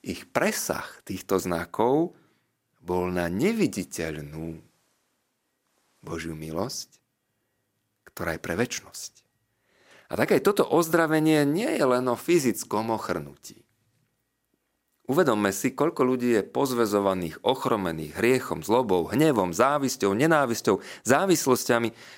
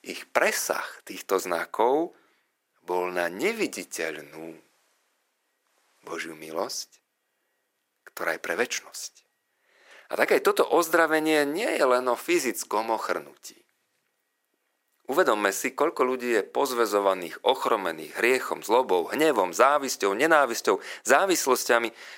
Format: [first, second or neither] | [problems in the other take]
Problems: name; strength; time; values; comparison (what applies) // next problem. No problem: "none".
first | thin; somewhat; fading below 500 Hz